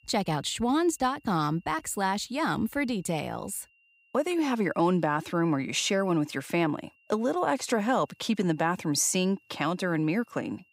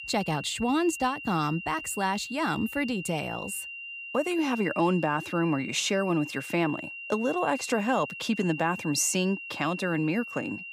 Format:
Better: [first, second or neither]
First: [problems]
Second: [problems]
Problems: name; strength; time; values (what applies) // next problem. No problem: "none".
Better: first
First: high-pitched whine; faint; throughout; 3 kHz, 35 dB below the speech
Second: high-pitched whine; loud; throughout; 3 kHz, 9 dB below the speech